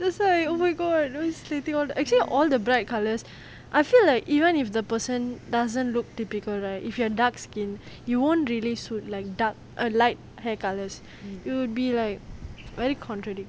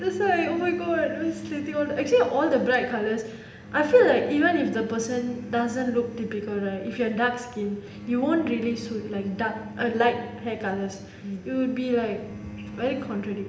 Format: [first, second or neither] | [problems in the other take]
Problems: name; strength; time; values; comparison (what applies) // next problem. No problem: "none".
first | background sound (Bowed string instrument); 15 dB below the speech // room echo; dies away in 0.8 s